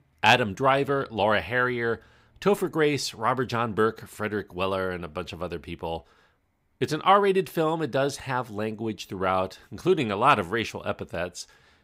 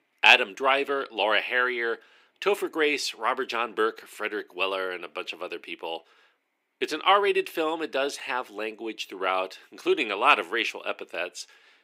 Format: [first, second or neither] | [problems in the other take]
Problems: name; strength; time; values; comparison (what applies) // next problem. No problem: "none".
first | thin; somewhat; fading below 300 Hz